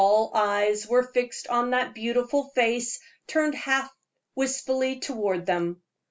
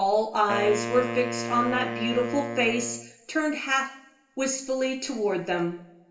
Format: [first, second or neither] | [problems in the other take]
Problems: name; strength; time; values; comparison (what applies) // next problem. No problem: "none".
first | background sound (Wind instrument, woodwind instrument); 7 dB below the speech // room echo; dies away in 0.8 s